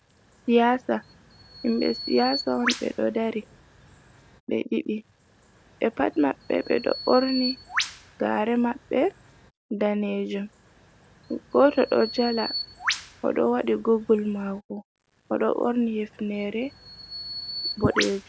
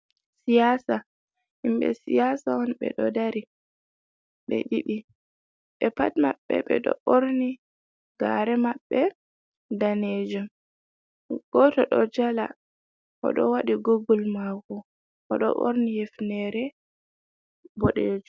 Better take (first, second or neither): second